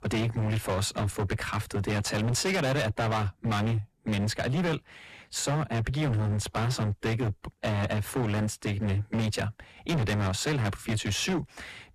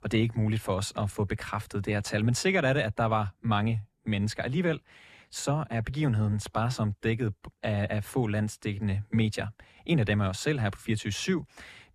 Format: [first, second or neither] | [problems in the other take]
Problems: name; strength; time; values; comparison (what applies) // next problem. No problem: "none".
second | distortion; heavy; 24% of the sound clipped